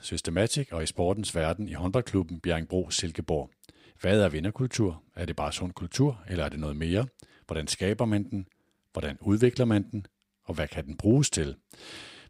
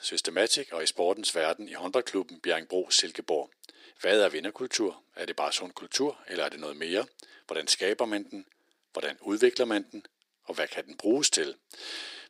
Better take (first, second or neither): first